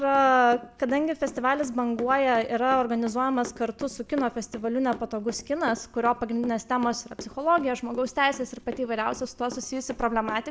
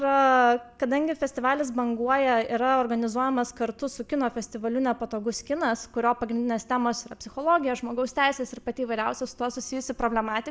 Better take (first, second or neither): second